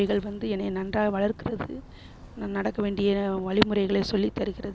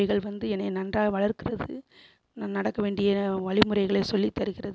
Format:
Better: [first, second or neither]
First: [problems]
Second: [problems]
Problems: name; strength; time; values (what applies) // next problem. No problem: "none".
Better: second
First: background sound (Walk, footsteps); 18 dB below the speech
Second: none